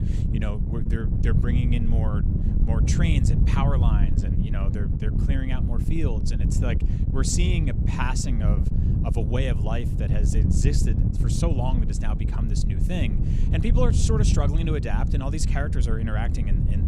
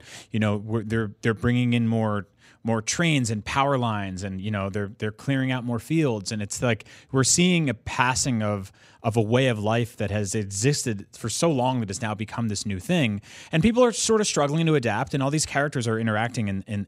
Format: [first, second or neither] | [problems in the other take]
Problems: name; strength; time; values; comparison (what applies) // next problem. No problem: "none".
second | wind noise on the microphone; heavy; 3 dB below the speech